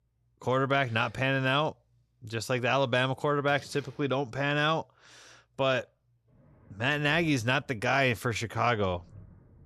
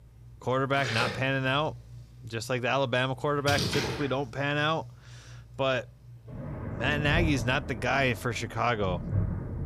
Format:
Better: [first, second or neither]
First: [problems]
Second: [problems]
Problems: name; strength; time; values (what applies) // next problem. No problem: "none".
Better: first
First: rain or running water; faint; throughout; 30 dB below the speech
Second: rain or running water; loud; throughout; 6 dB below the speech